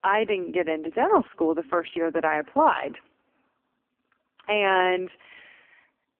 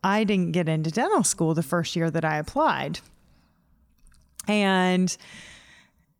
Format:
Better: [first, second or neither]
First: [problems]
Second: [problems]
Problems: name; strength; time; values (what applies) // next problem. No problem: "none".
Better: second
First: phone-call audio; poor line; nothing above 3 kHz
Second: none